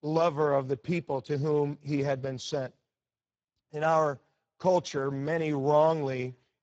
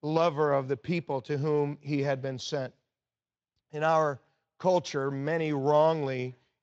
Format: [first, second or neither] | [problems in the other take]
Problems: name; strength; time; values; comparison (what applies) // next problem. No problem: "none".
second | garbled, watery; badly; slightly in the second